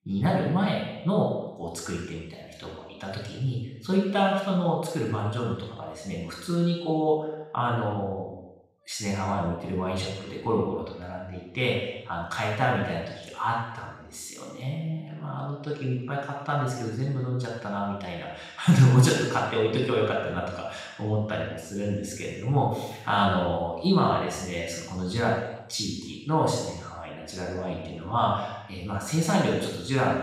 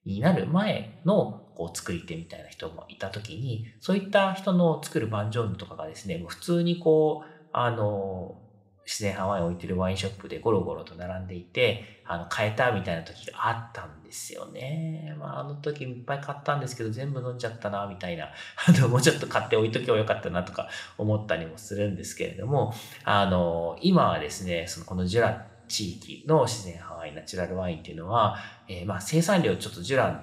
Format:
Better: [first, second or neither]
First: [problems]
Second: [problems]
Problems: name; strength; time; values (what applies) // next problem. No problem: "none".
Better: second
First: room echo; strong; dies away in 0.9 s // off-mic speech; far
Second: room echo; slight; dies away in 0.7 s